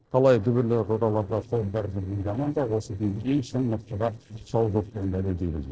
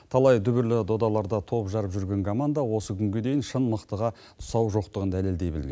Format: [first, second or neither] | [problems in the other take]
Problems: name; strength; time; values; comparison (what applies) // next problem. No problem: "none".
second | noise reduction (neural separator model SepFormer DNS4)